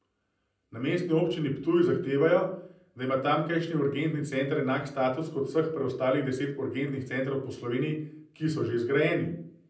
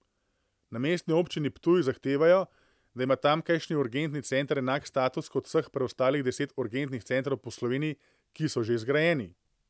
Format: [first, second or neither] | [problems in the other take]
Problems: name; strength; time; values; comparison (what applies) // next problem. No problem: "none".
second | room echo; dies away in 0.6 s